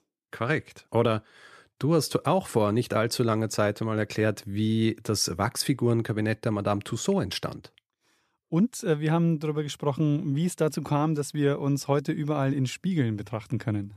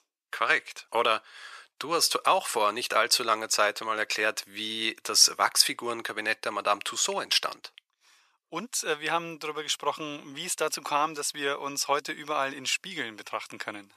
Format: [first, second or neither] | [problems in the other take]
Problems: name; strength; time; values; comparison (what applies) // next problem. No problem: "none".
first | thin; very; fading below 850 Hz